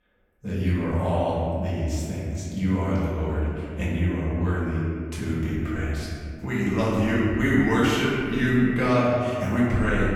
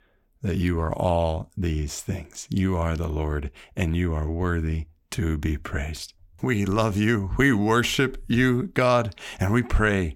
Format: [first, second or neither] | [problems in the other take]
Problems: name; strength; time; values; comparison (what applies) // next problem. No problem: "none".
second | off-mic speech; far // room echo; strong; dies away in 2.1 s